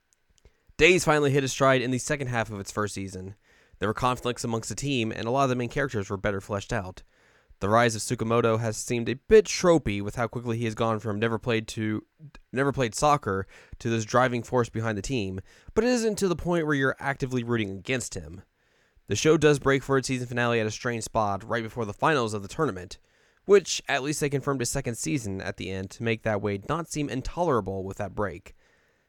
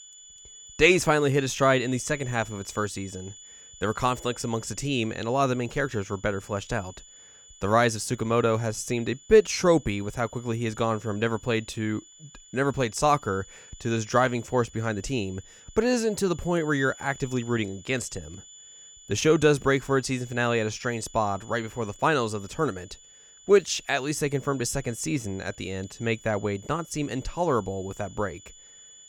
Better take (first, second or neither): first